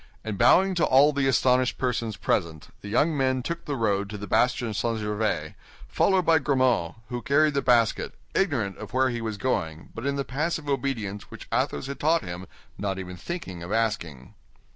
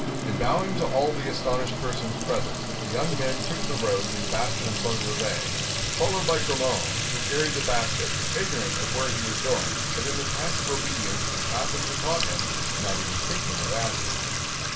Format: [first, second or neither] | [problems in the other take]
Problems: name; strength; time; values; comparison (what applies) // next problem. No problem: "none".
first | background sound (Fill (with liquid) / Trickle, dribble / Sink (filling or washing)); as loud as the speech // room echo; dies away in 0.2 s